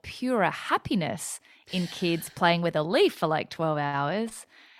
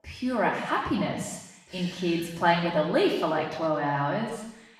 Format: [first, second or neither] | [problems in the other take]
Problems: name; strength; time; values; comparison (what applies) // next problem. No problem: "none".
first | room echo; noticeable; dies away in 0.9 s // off-mic speech; far